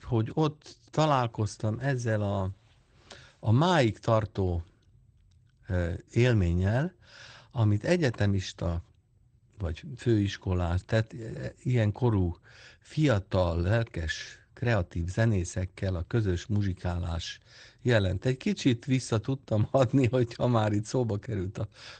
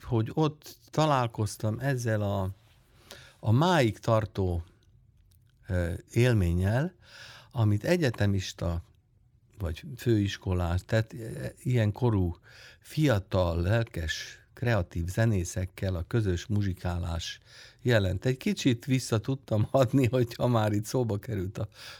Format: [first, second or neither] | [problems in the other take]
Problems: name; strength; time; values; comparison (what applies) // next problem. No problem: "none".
second | garbled, watery; slightly; nothing above 8 kHz